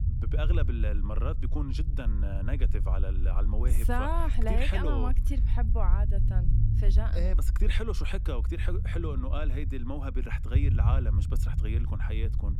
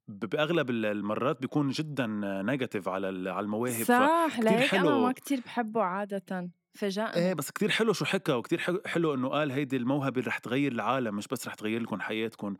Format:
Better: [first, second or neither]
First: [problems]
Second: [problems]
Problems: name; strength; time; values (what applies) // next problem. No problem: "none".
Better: second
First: low rumble; loud; throughout; 8 dB below the speech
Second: none